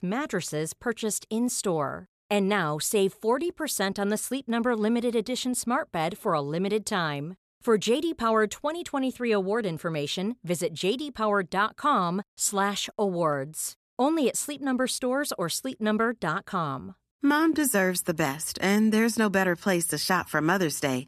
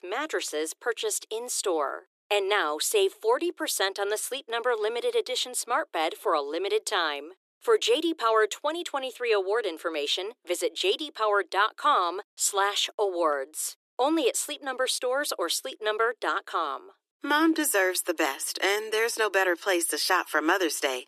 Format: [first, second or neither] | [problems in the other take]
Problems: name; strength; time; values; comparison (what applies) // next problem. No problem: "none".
first | thin; very; fading below 300 Hz